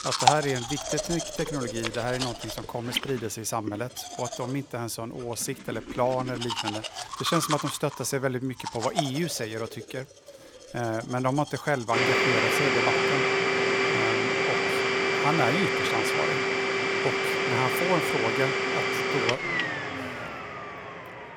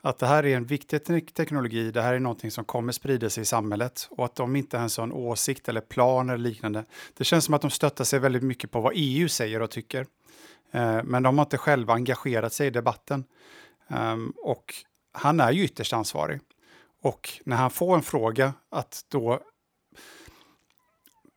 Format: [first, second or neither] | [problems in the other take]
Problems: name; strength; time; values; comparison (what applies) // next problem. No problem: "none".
second | household noises; very loud; throughout; 4 dB above the speech